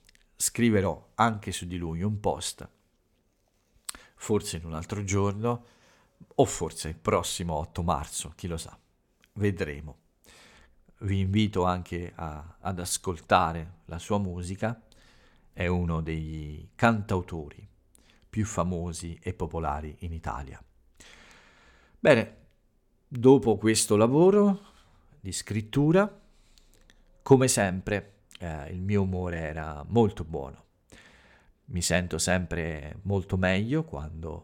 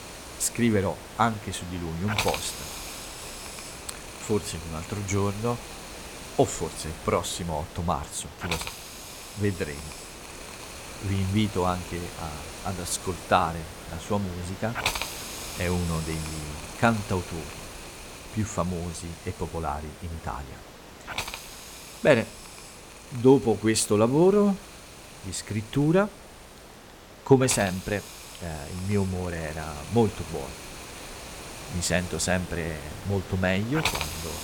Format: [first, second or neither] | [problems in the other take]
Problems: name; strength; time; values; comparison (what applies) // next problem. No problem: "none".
first | hiss; loud; throughout; 10 dB below the speech